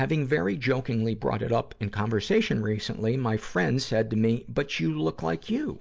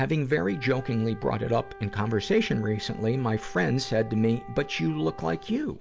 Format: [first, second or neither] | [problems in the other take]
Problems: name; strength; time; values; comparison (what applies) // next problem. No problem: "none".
first | background sound (Wind instrument, woodwind instrument); 18 dB below the speech